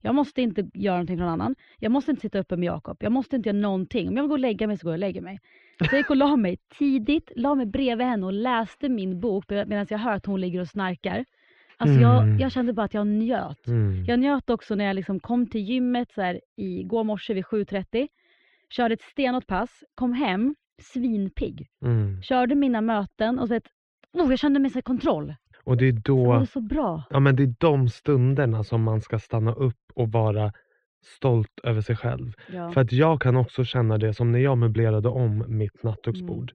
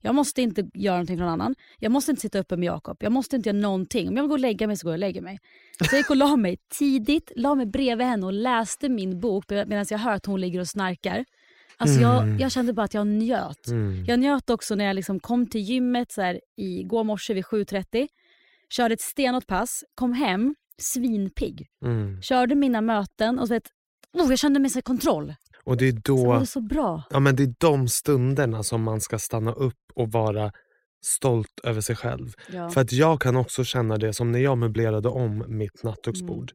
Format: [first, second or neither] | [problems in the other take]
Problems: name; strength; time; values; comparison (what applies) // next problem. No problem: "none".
second | muffled; slightly; fading above 3 kHz